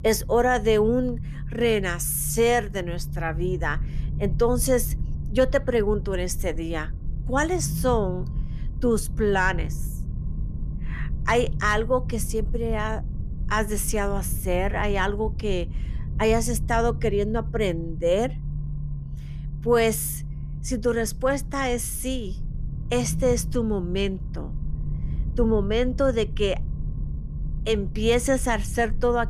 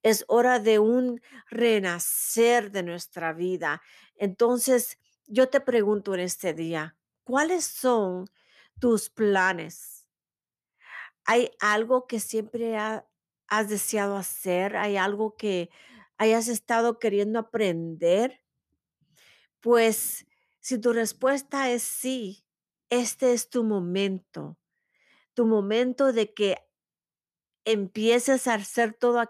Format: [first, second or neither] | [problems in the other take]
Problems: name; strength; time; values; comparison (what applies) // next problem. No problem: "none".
second | low rumble; noticeable; throughout; 20 dB below the speech